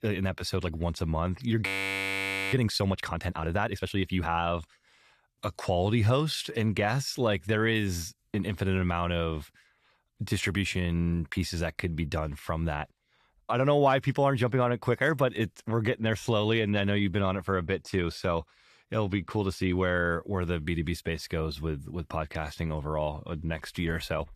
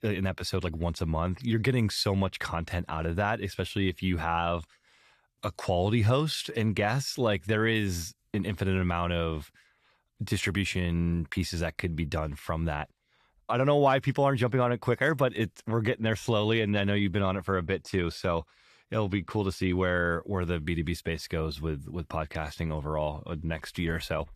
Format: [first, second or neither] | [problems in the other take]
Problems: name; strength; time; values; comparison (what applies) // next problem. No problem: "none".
second | audio freezing; at 1.5 s for 1 s